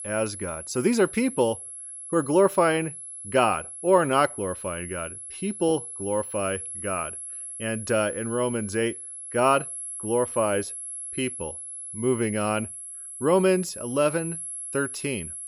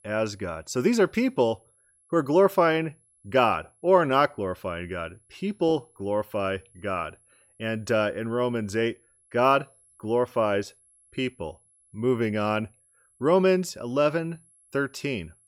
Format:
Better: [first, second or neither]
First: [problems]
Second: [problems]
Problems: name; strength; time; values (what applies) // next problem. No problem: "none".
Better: second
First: high-pitched whine; loud; throughout; 11 kHz, 9 dB below the speech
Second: high-pitched whine; faint; throughout; 11 kHz, 35 dB below the speech